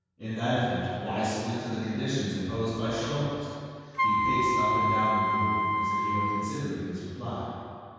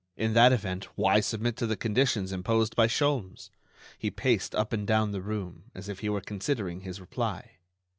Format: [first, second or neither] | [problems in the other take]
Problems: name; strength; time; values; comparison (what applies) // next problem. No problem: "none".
second | background sound (Wind instrument, woodwind instrument); 4 dB above the speech // room echo; dies away in 2.1 s